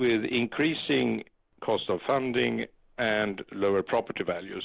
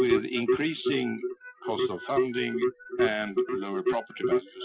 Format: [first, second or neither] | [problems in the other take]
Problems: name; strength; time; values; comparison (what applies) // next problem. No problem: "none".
first | noise reduction (classical method Wiener filter)